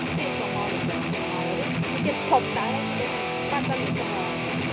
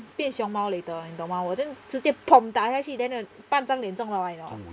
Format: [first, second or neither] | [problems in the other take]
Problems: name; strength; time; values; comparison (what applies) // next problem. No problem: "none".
second | background sound (Guitar); 4 dB above the speech